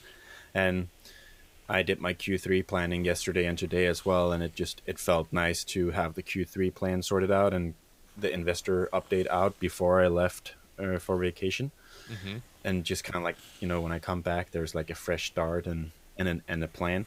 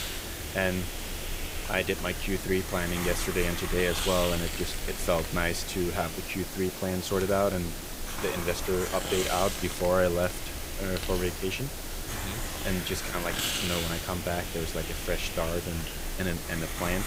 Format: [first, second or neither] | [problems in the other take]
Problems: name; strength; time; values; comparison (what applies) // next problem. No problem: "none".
first | hiss; loud; throughout; 3 dB below the speech; faint in the first